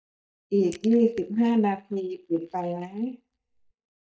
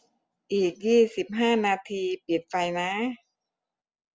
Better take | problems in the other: second | noise reduction (neural mask model DeepFilterNet 3)

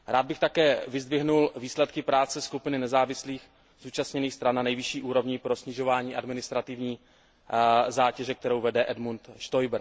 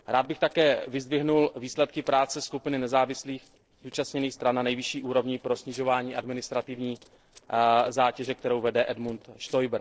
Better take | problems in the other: first | noise reduction (neural separator model SepFormer DNS4)

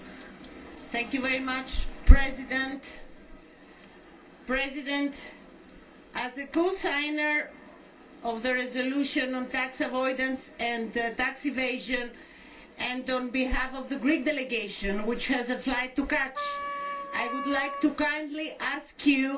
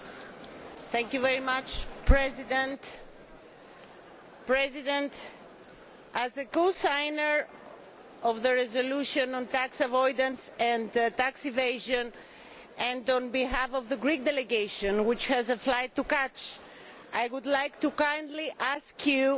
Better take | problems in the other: second | background sound (Wind instrument, woodwind instrument); 7 dB below the speech // room echo; dies away in 0.2 s

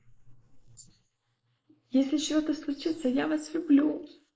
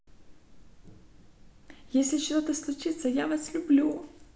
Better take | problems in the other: second | noise reduction (neural mask model Resemble Enhance denoiser)

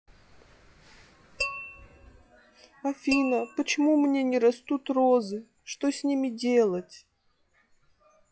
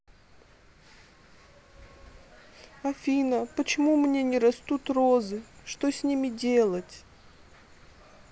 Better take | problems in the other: second | noise reduction (classical method log-MMSE)

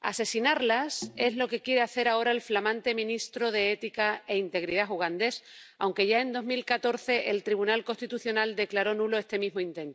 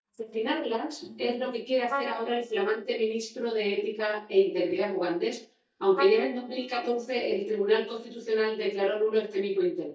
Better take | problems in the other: first | noise reduction (neural mask model DeepFilterNet 3)

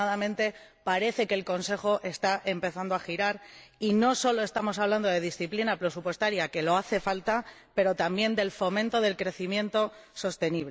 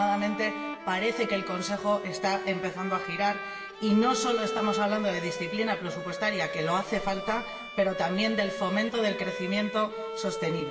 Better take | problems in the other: first | background sound (Bowed string instrument); 7 dB below the speech // room echo; dies away in 2 s

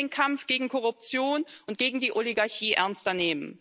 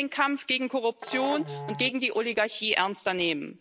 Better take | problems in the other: first | background sound (Musical instrument); 13 dB below the speech

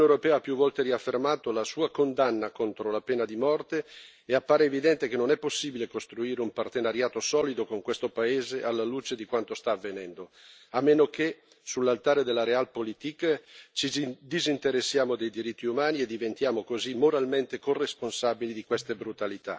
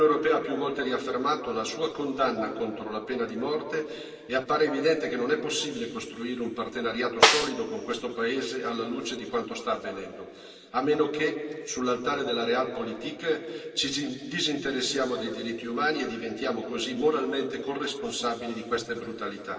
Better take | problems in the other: first | background sound (Snare drum); 3 dB above the speech // room echo; dies away in 2.4 s

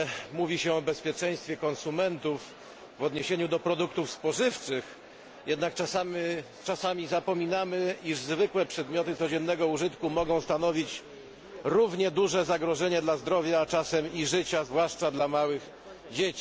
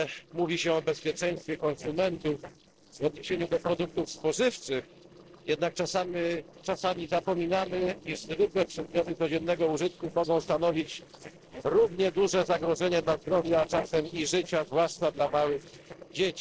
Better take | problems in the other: first | noise reduction (neural separator model SepFormer DNS4)

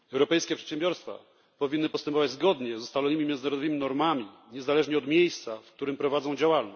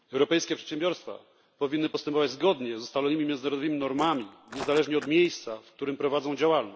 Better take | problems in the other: first | background sound (Walk, footsteps); 15 dB below the speech

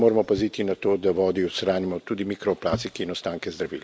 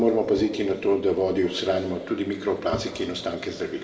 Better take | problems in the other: first | room echo; dies away in 2.1 s

